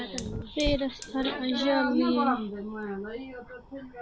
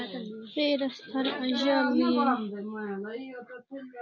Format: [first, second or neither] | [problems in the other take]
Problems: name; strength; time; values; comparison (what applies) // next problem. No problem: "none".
second | background sound (Fire); 12 dB below the speech